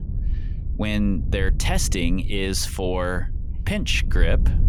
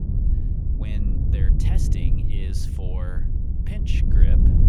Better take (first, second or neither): first